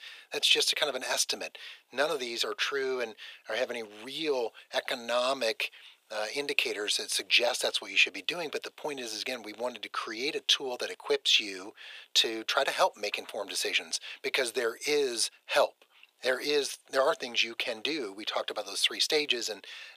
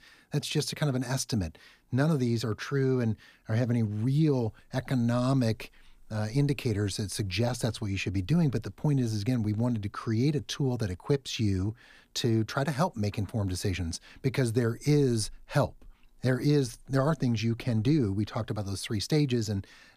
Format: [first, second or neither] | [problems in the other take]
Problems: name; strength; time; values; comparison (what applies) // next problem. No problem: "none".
second | thin; very; fading below 500 Hz